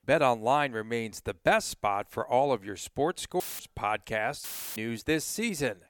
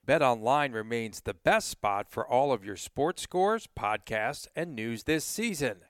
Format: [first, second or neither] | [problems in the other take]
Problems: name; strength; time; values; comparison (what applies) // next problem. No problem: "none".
second | audio cutting out; filled with static; at 3.5 s and at 4.5 s